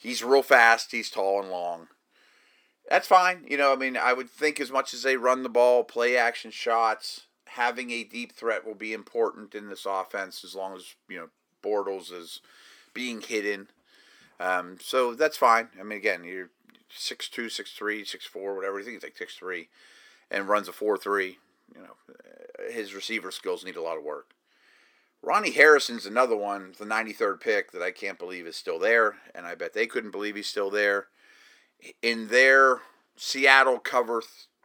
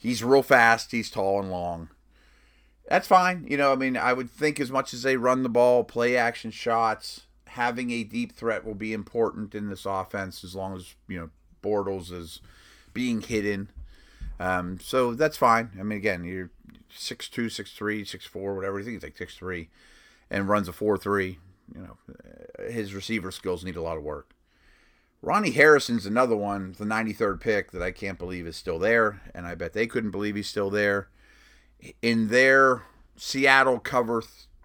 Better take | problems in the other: second | thin; somewhat; fading below 350 Hz

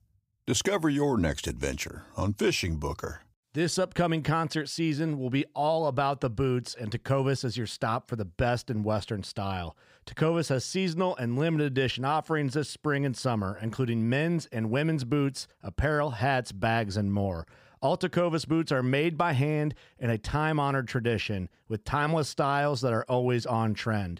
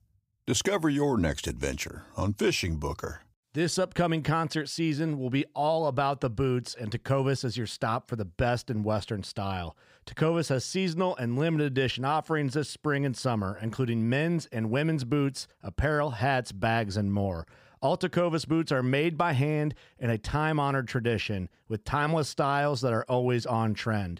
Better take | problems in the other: neither | none

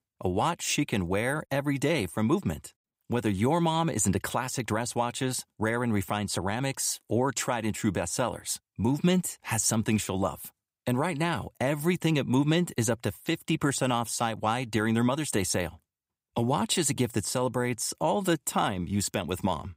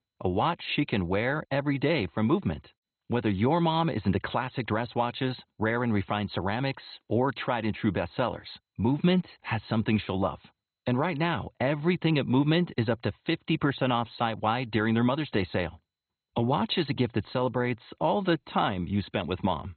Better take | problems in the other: first | garbled, watery; badly; nothing above 4 kHz

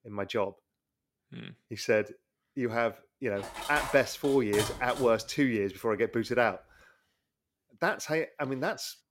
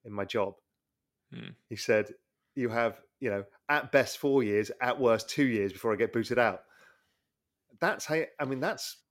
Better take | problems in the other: second | clattering dishes; noticeable; from 3.5 to 5 s; peak 5 dB below the speech

